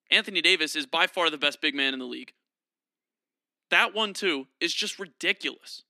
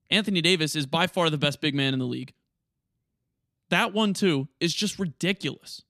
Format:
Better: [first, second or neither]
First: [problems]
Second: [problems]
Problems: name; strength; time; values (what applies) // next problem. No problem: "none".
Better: second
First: thin; somewhat; fading below 250 Hz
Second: none